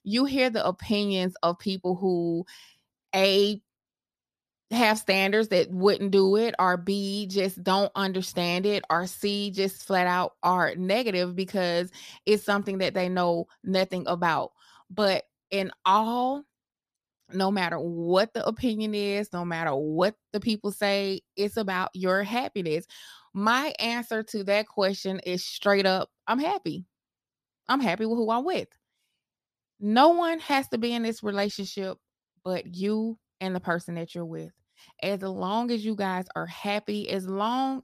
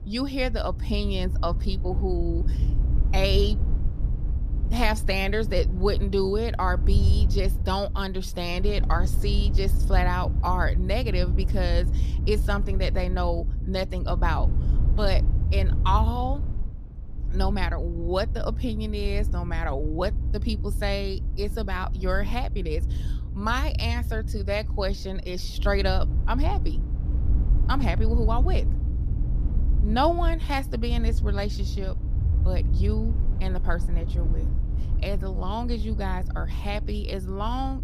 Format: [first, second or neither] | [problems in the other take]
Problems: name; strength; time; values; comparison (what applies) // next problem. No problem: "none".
first | low rumble; noticeable; throughout; 15 dB below the speech